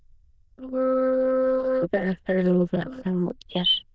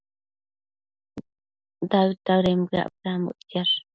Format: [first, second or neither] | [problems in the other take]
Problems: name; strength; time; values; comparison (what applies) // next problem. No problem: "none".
second | noise reduction (neural diffusion model UNIVERSE++)